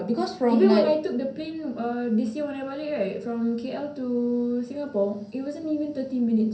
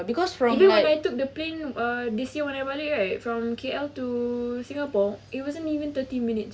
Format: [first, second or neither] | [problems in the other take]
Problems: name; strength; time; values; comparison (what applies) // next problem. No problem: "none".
second | room echo; dies away in 0.6 s